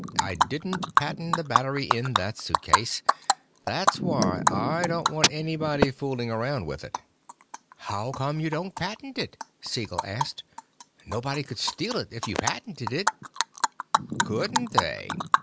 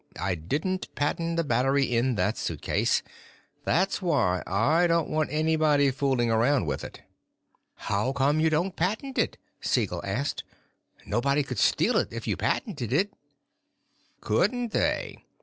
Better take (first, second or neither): second